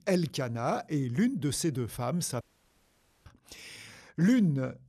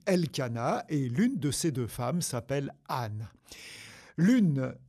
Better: second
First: audio cutting out; at 2.5 s for 1 s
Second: none

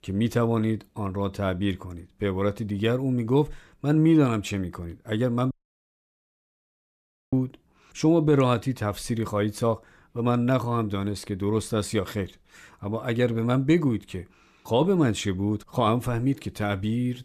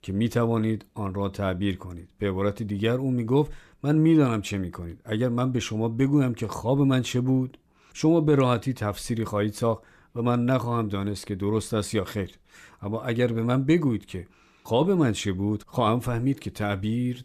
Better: second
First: audio cutting out; at 5.5 s for 2 s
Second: none

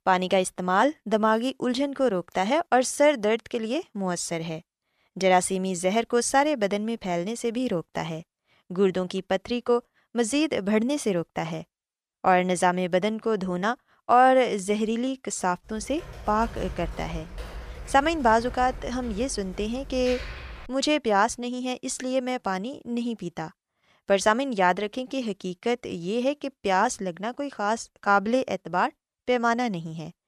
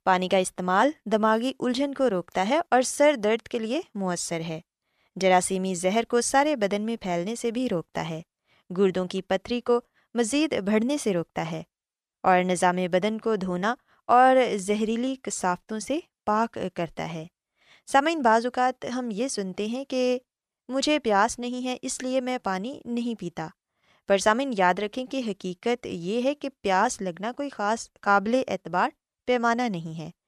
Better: second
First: keyboard typing; faint; from 16 to 21 s; peak 10 dB below the speech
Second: none

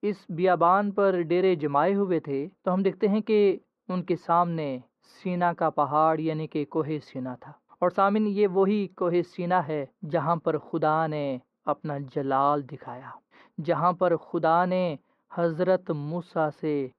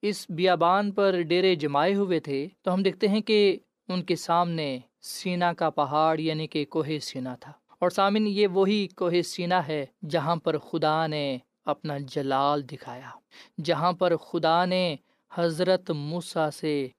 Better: second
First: muffled; very; fading above 3.5 kHz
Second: none

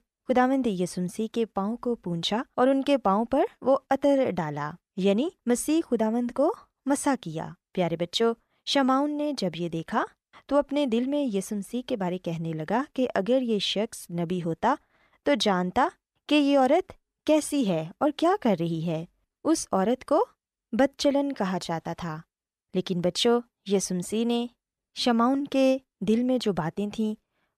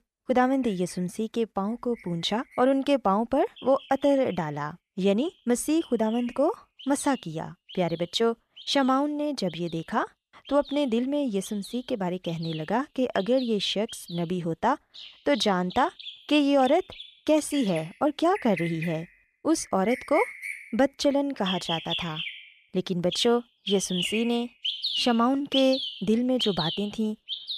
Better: first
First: none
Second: animal sounds; loud; throughout; 9 dB below the speech

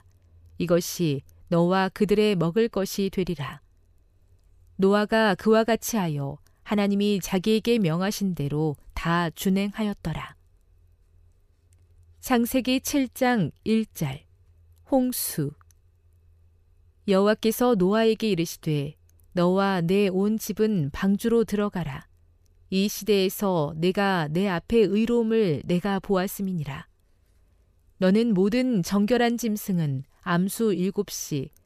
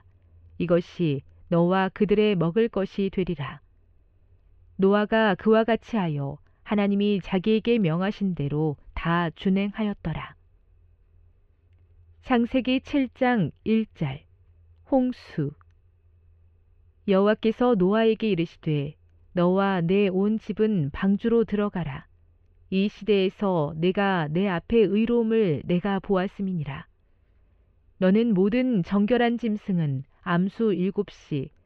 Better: first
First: none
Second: muffled; very; fading above 3 kHz

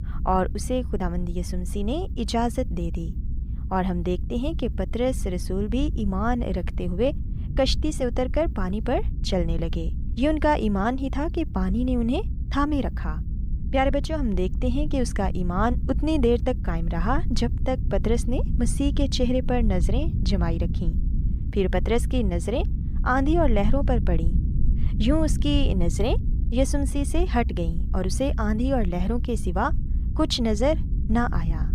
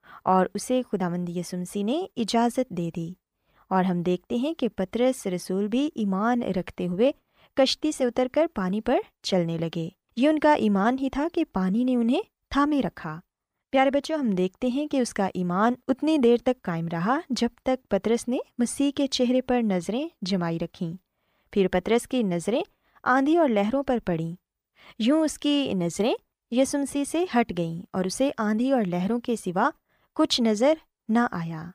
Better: second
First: low rumble; noticeable; throughout; 15 dB below the speech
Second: none

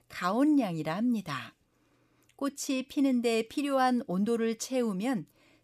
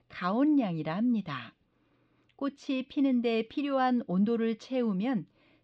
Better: first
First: none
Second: muffled; slightly; fading above 4 kHz

